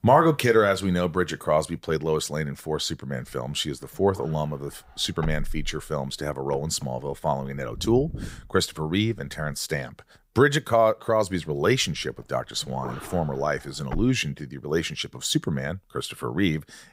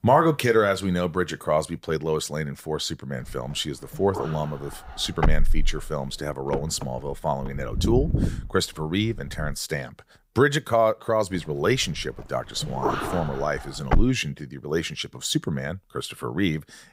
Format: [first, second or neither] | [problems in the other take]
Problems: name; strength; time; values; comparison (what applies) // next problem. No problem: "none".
first | wind noise on the microphone; heavy; from 3 to 9.5 s and from 11 to 14 s; 6 dB below the speech; occasional gusts in the first